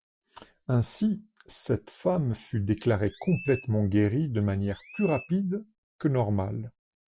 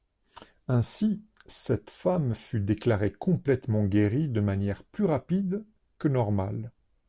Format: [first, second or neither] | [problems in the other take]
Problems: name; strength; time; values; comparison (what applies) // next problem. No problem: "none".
second | noise reduction (classical method Wiener filter)